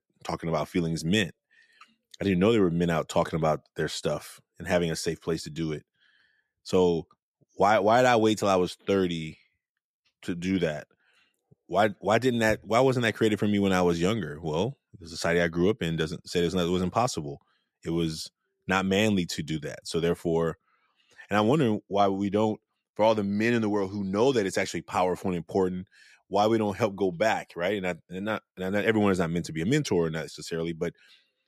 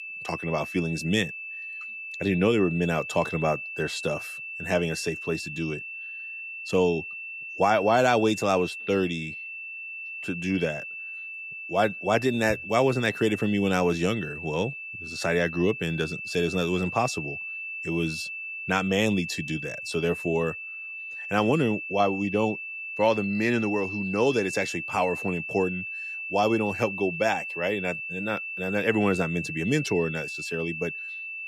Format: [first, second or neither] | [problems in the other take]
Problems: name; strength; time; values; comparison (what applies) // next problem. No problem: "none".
first | high-pitched whine; loud; throughout; 2.5 kHz, 7 dB below the speech